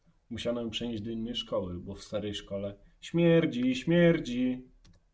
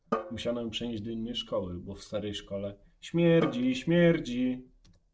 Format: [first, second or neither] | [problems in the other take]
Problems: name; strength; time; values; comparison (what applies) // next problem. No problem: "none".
first | noise reduction (neural separator model SepFormer DNS4)